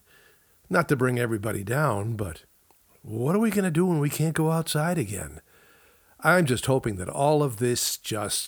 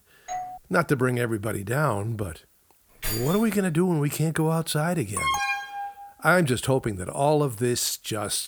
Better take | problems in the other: first | doorbell; noticeable; at 0.5 s; peak 10 dB below the speech // jangling keys; noticeable; at 3 s; peak 5 dB below the speech // alarm; loud; at 5 s; peak 1 dB above the speech

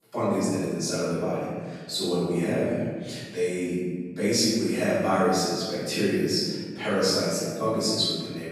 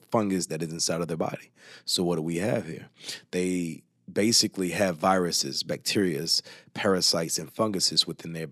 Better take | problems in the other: second | off-mic speech; far // room echo; strong; dies away in 1.7 s

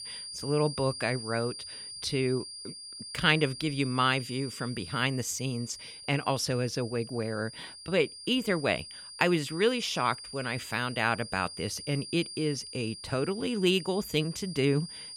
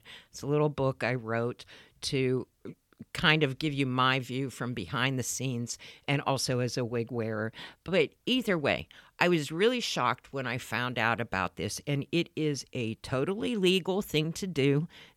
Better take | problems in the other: second | high-pitched whine; noticeable; throughout; 5 kHz, 10 dB below the speech

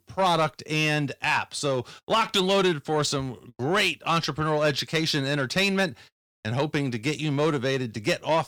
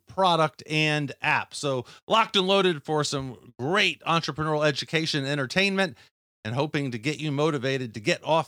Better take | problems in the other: second | distortion; slight; 10 dB below the speech

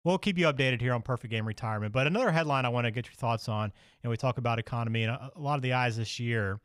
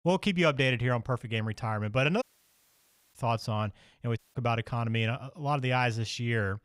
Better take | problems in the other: first | audio cutting out; at 2 s for 1 s and at 4 s

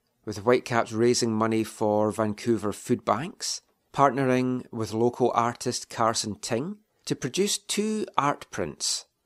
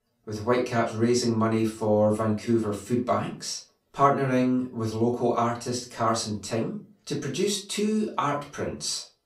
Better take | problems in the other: first | off-mic speech; far // room echo; slight; dies away in 0.3 s

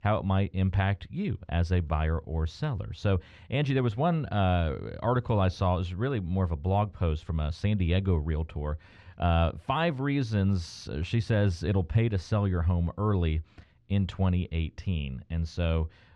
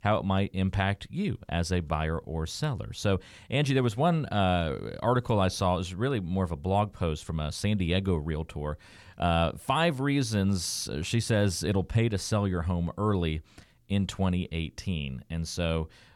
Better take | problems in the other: second | muffled; slightly; fading above 3.5 kHz

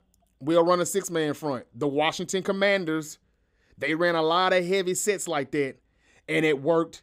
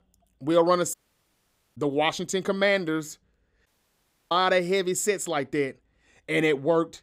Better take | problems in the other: first | audio cutting out; at 1 s for 1 s and at 3.5 s for 0.5 s

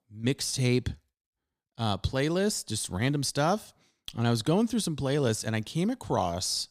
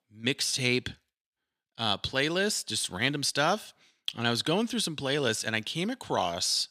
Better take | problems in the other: first | thin; very slightly; fading below 250 Hz

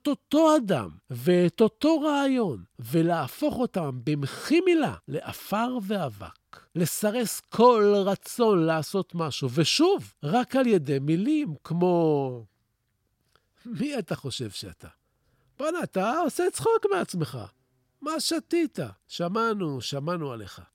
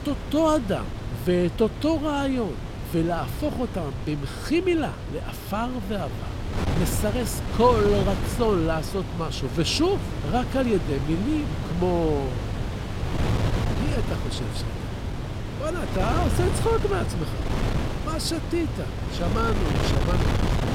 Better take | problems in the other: first | wind noise on the microphone; heavy; 7 dB below the speech

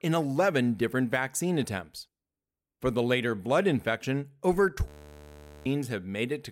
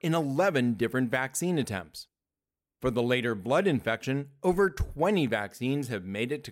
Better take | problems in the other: second | audio freezing; at 5 s for 1 s

